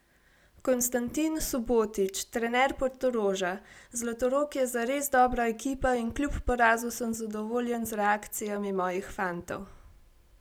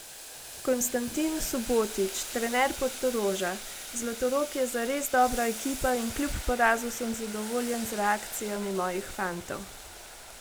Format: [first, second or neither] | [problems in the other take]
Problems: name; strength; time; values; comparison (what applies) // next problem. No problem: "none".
first | background sound (Boiling); 11 dB below the speech